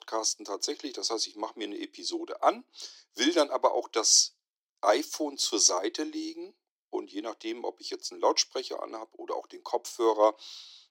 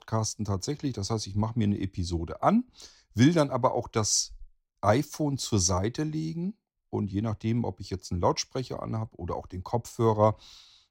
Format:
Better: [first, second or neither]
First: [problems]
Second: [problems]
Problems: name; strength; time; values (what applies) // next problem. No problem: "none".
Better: second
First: thin; very; fading below 300 Hz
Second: none